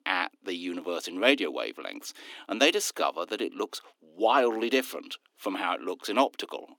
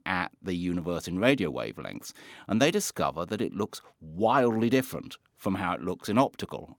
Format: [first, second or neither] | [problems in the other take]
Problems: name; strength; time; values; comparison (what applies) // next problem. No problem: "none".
second | thin; very slightly; fading below 300 Hz